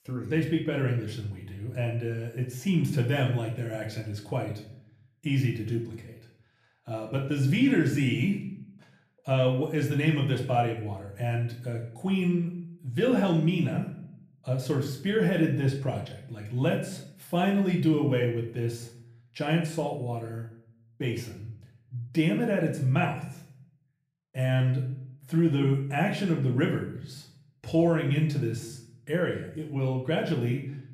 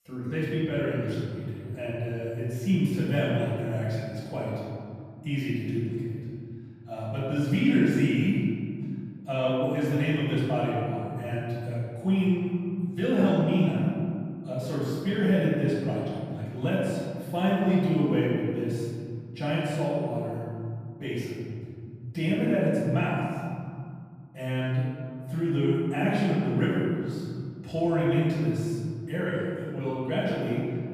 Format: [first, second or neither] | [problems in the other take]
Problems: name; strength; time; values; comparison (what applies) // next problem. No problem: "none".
first | room echo; strong; dies away in 2.5 s; slight in the first // off-mic speech; far; somewhat distant in the first